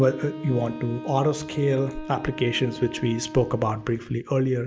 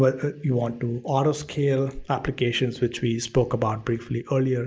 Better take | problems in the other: second | background sound (Wind instrument, woodwind instrument); 13 dB below the speech

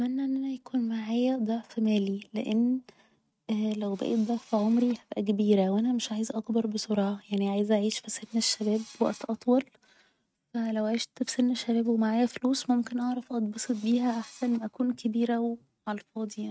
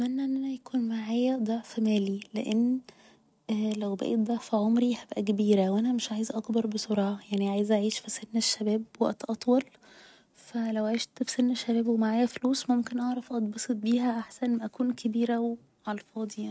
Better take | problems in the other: second | noise reduction (neural mask model RNNoise)

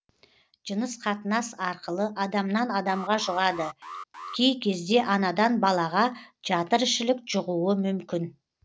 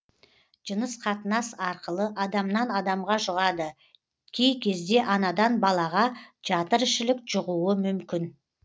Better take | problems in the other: second | background sound (Alarm); 14 dB below the speech

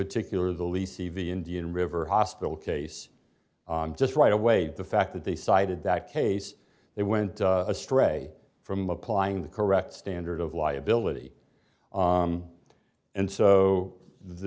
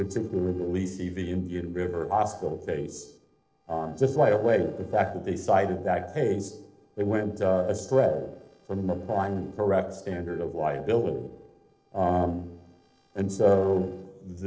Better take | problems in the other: first | noise reduction (neural separator model SepFormer DNS4)

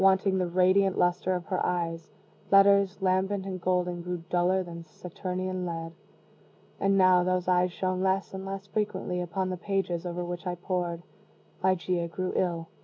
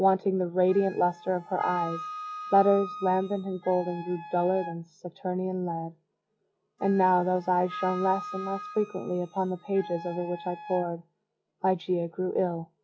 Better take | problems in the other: first | noise reduction (classical method log-MMSE)

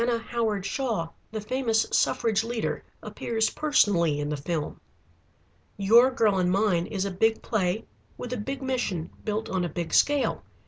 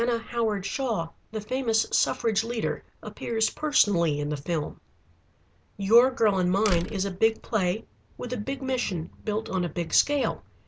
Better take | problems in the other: first | background sound (Slam); 7 dB below the speech

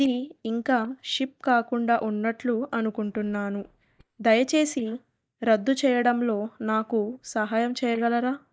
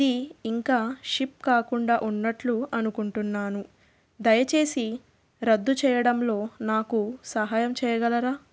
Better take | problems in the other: second | noise reduction (neural mask model DeepFilterNet 3)

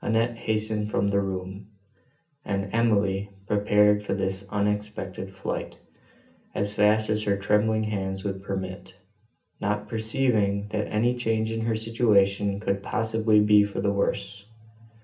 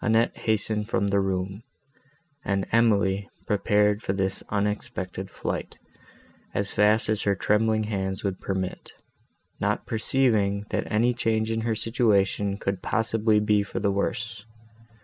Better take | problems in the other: second | room echo; dies away in 0.3 s

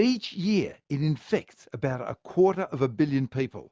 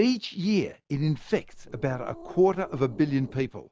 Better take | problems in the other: first | background sound (Growling); 18 dB below the speech

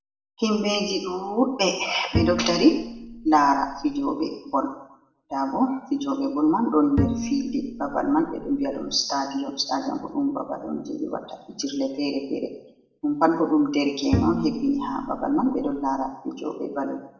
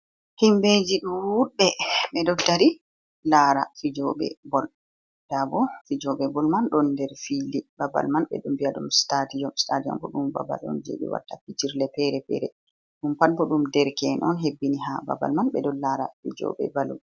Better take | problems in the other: second | background sound (Bowed string instrument); 6 dB below the speech // room echo; dies away in 0.8 s

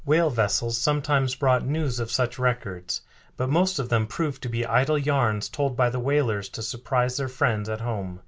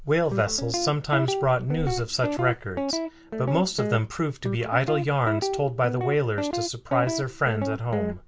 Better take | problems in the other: first | background sound (Guitar); 5 dB below the speech

